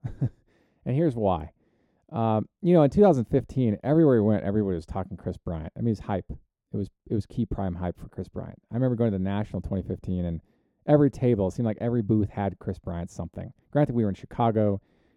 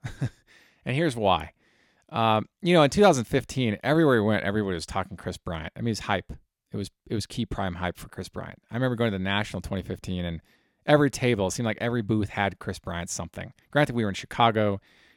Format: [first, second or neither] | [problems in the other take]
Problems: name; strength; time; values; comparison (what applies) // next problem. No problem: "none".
second | muffled; very; fading above 1 kHz